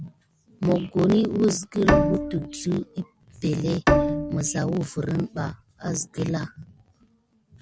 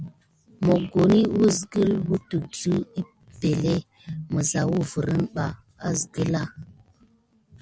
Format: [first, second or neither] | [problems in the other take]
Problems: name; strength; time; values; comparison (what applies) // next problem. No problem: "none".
second | background sound (Bowed string instrument); 1 dB above the speech